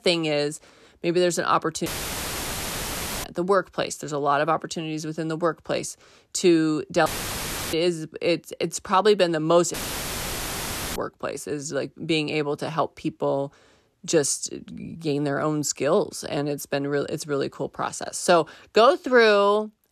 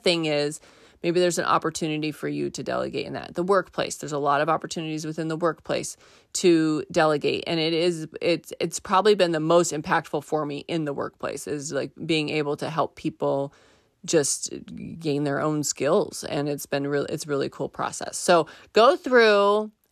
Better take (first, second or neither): second